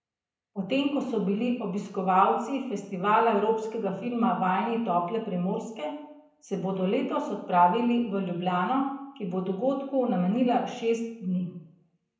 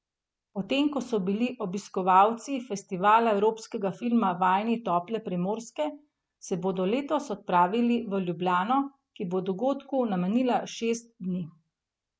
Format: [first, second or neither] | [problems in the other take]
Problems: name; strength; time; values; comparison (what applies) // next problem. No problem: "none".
second | room echo; dies away in 0.7 s